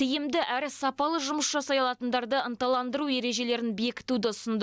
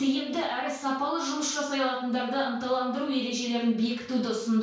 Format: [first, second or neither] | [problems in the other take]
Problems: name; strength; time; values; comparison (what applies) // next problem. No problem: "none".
first | room echo; dies away in 0.5 s